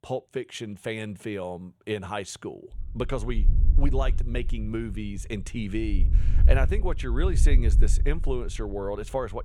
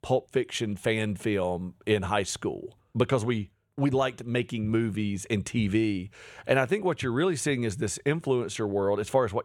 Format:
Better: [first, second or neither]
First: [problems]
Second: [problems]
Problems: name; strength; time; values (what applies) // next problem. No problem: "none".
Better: second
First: wind noise on the microphone; occasional gusts; from 2.5 s on; 15 dB below the speech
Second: none